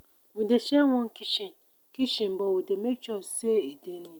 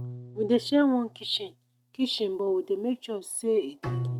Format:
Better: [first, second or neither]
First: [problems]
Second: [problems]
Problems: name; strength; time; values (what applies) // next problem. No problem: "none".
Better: first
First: none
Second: noise reduction (neural mask model RNNoise)